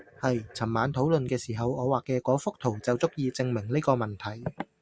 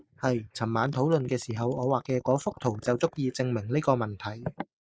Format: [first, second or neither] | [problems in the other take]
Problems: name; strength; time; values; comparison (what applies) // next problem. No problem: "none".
first | noise reduction (neural mask model Resemble Enhance denoiser)